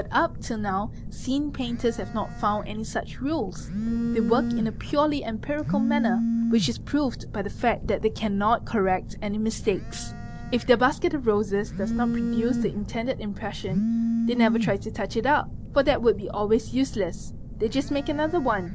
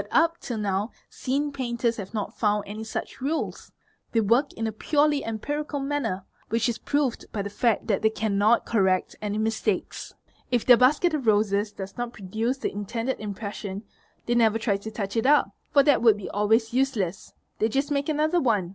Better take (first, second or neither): second